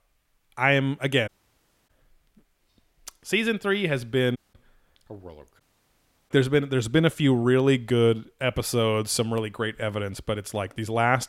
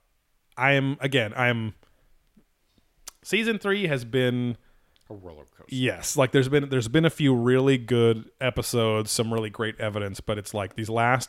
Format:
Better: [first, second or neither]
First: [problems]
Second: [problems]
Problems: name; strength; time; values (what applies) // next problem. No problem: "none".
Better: second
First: audio cutting out; at 1.5 s for 0.5 s, at 4.5 s and at 5.5 s for 0.5 s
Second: none